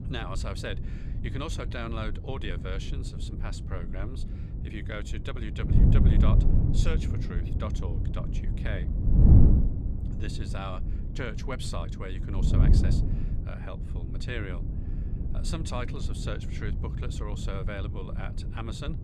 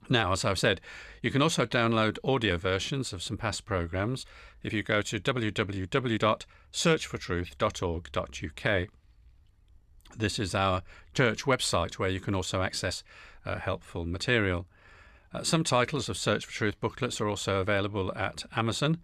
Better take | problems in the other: second | wind noise on the microphone; heavy; 2 dB below the speech

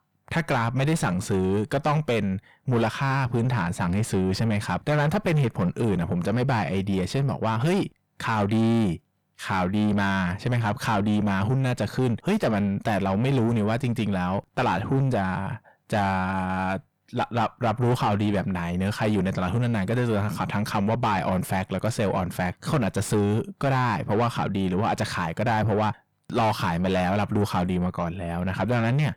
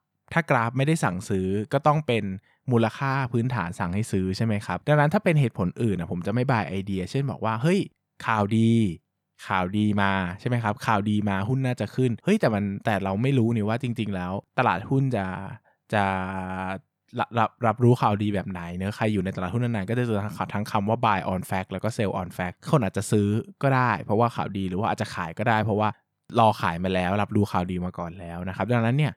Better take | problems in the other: second | distortion; heavy; 6 dB below the speech

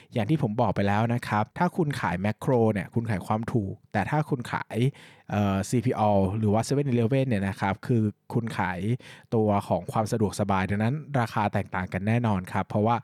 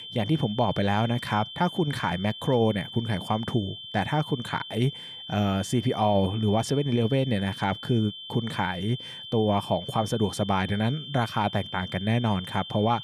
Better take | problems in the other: first | high-pitched whine; noticeable; throughout; 3 kHz, 10 dB below the speech

